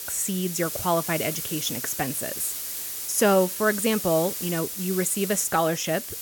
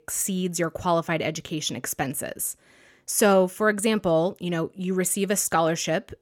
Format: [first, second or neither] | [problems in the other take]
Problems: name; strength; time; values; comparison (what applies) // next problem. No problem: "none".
second | hiss; loud; throughout; 5 dB below the speech